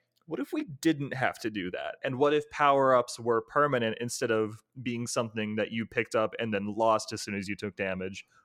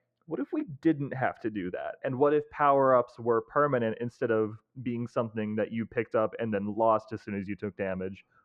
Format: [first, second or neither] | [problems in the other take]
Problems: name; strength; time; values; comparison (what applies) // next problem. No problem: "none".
first | muffled; very; fading above 3.5 kHz